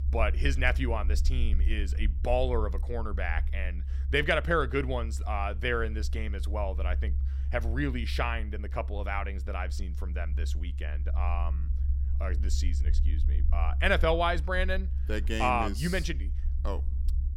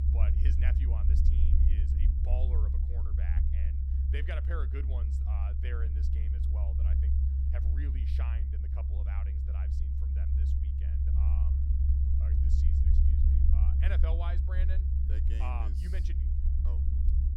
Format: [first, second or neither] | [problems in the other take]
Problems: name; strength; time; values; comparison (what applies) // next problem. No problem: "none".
first | low rumble; loud; throughout; as loud as the speech; faint in the first